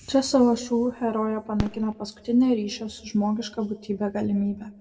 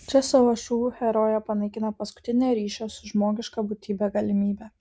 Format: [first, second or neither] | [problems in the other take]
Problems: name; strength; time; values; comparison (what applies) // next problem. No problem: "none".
second | background sound (Fireworks); 17 dB below the speech // room echo; dies away in 0.9 s